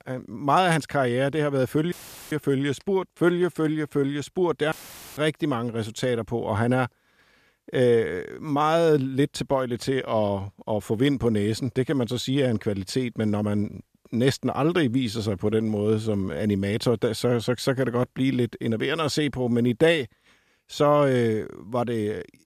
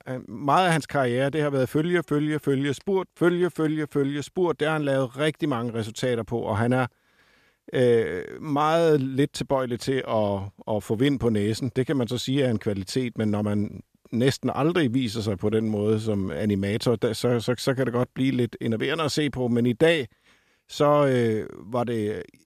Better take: second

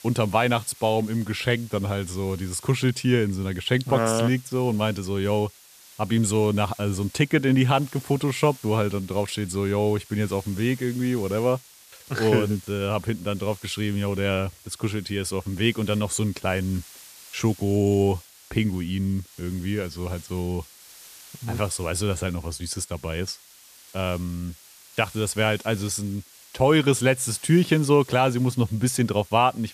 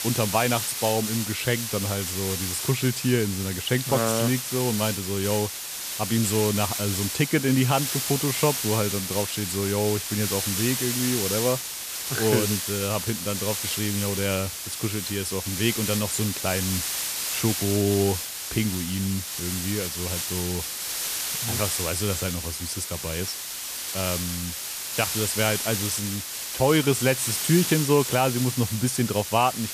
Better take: first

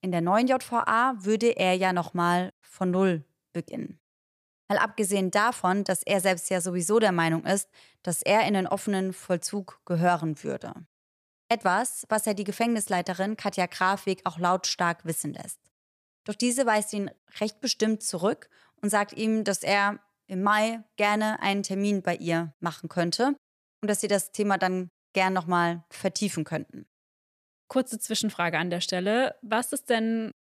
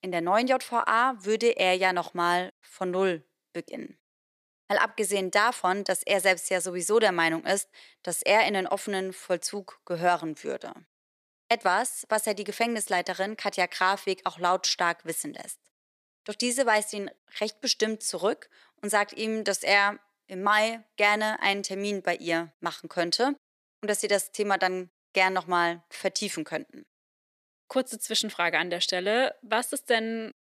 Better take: first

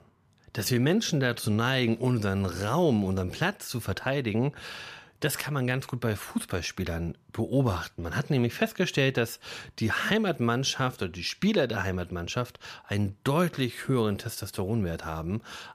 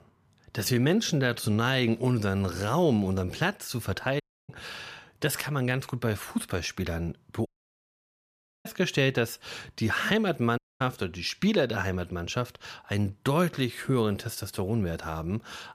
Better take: first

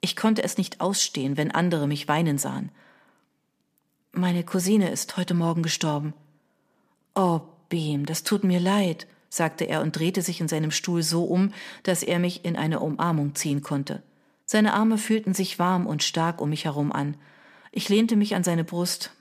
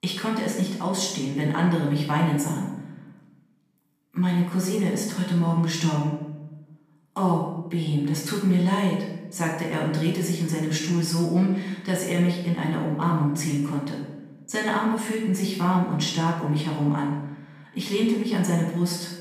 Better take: first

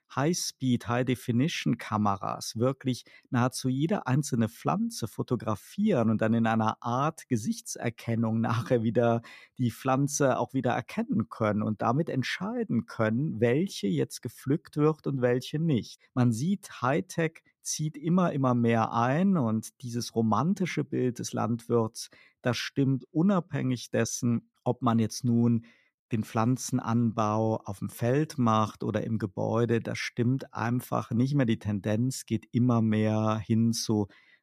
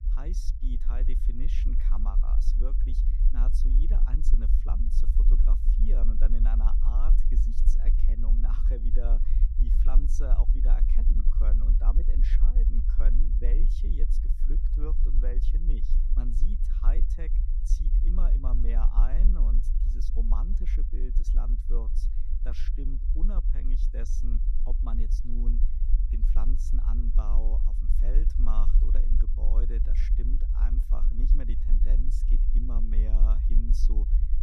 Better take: first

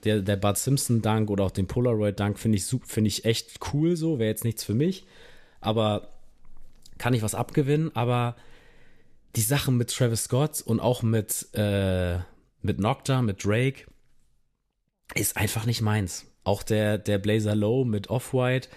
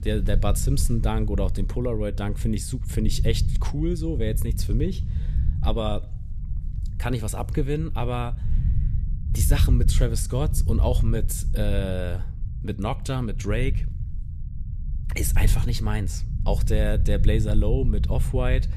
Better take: first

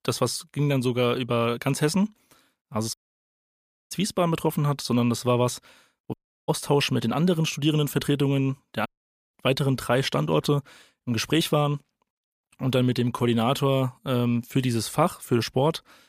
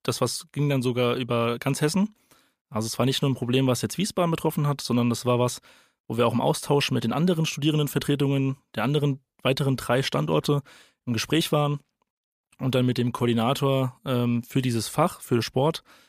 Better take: second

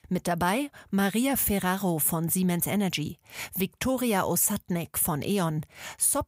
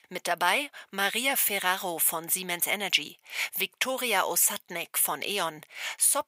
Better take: first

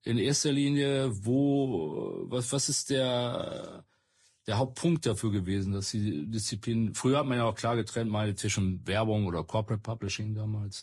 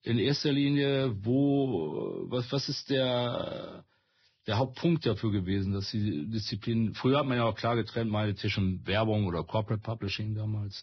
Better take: first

